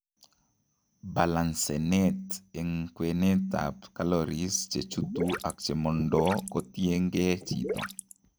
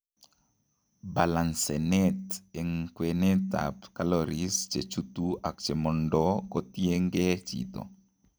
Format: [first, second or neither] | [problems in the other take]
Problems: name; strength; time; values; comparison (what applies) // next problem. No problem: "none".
second | background sound (Gurgling / Liquid); 7 dB below the speech